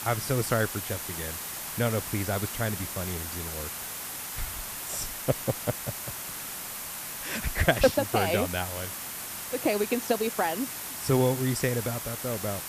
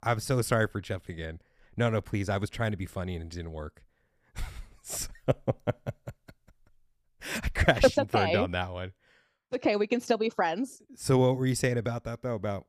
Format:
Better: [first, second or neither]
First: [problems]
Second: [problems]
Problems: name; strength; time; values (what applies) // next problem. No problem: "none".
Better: second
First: hiss; loud; throughout; 5 dB below the speech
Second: none